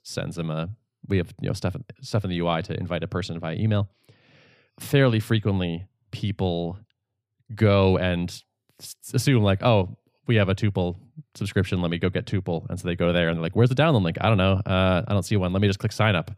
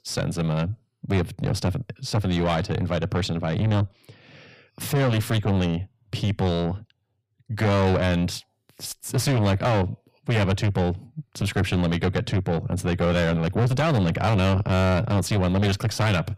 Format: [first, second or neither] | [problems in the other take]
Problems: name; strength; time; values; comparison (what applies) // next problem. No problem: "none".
first | distortion; heavy; 6 dB below the speech